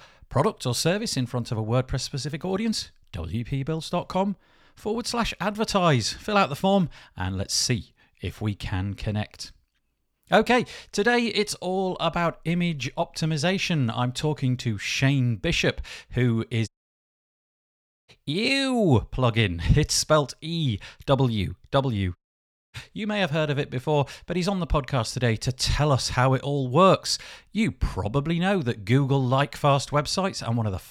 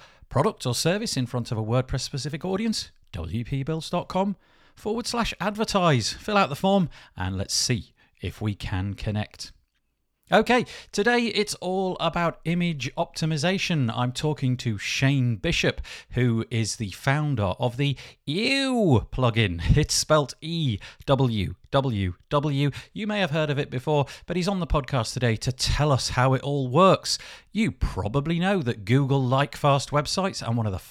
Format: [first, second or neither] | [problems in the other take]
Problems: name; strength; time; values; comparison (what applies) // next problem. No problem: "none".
second | audio cutting out; at 17 s for 1.5 s and at 22 s for 0.5 s